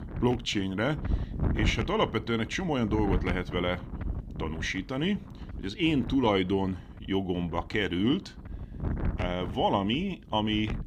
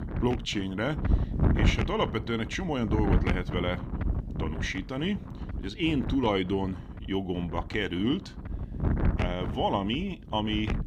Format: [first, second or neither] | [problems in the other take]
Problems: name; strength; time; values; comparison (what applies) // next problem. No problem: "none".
first | wind noise on the microphone; heavy; 8 dB below the speech; occasional gusts in the first